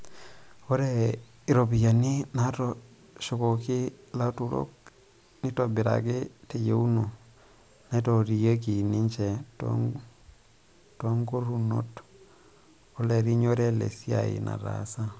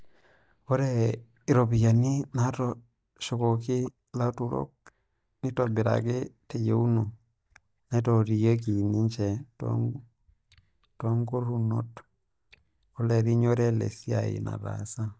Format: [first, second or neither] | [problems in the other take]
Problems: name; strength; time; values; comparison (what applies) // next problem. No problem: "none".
first | noise reduction (neural mask model DeepFilterNet 3)